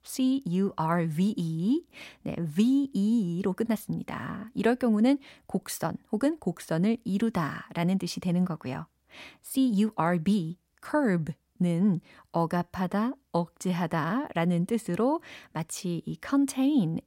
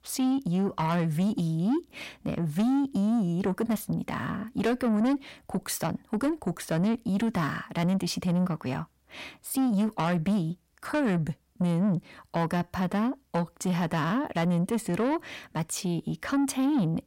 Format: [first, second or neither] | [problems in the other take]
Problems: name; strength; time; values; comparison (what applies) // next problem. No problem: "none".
first | distortion; slight; 10 dB below the speech